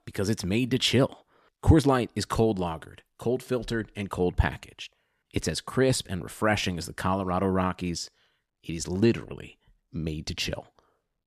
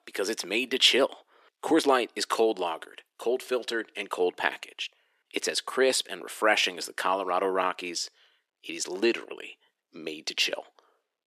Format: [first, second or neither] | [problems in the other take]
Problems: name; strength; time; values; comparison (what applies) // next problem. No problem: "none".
first | thin; very; fading below 350 Hz